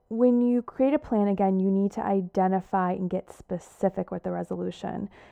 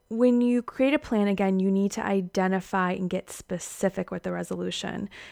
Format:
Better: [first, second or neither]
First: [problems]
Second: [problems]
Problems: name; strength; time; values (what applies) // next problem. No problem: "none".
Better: second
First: muffled; very; fading above 1.5 kHz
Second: none